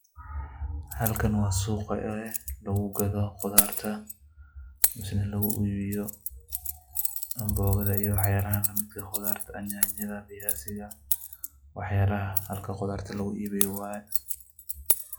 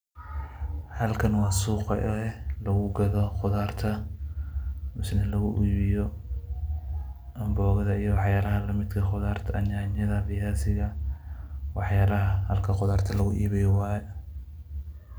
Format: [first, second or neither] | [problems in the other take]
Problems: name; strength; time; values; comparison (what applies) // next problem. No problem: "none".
second | noise reduction (classical method log-MMSE)